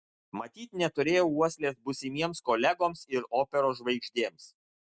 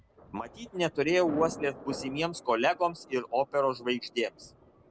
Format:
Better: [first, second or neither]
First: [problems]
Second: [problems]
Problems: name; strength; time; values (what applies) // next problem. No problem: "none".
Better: first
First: none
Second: background sound (Thunder); 15 dB below the speech